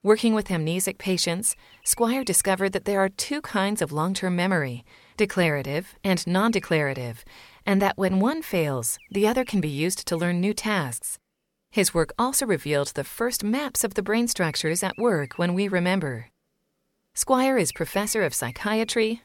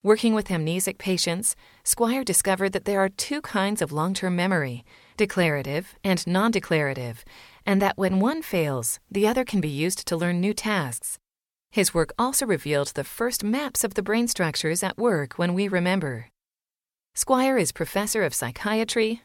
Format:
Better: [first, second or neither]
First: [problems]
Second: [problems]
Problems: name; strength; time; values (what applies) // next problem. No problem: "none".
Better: second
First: animal sounds; faint; throughout; 25 dB below the speech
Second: none